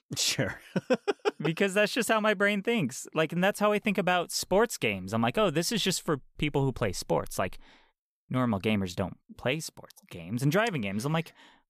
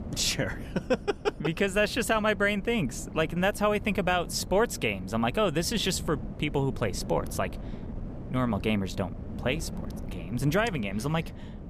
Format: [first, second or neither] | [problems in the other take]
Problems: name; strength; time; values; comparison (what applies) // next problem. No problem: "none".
first | wind noise on the microphone; occasional gusts; 20 dB below the speech